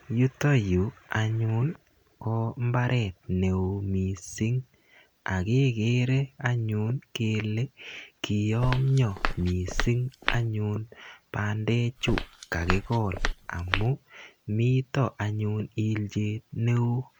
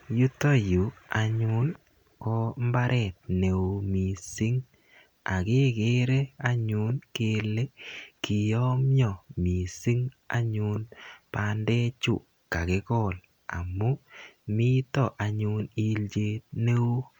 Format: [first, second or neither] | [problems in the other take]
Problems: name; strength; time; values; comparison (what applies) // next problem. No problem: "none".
second | background sound (Walk, footsteps); 4 dB below the speech